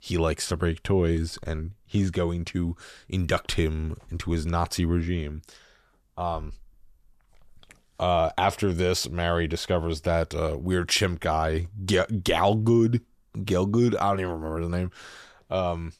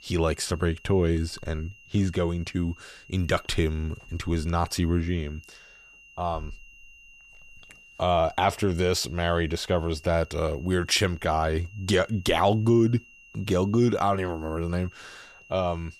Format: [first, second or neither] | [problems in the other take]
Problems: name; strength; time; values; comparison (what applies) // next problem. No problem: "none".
first | high-pitched whine; faint; throughout; 3 kHz, 25 dB below the speech